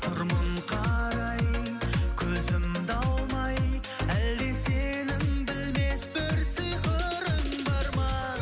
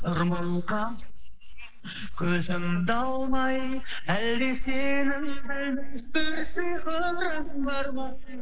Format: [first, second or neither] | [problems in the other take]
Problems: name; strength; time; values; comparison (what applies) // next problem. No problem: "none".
first | noise reduction (neural mask model Resemble Enhance denoiser)